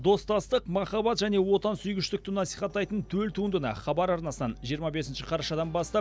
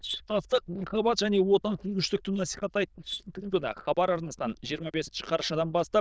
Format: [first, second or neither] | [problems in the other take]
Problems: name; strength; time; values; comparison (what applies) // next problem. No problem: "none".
first | noise reduction (neural diffusion model UNIVERSE++)